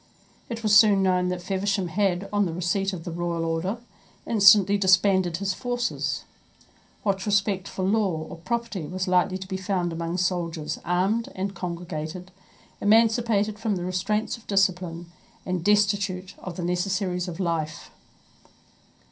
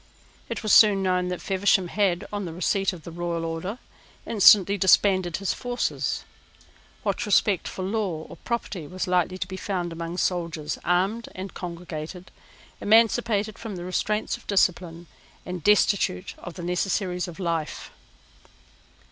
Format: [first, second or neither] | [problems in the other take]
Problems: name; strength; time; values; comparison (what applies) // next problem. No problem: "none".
second | room echo; dies away in 0.3 s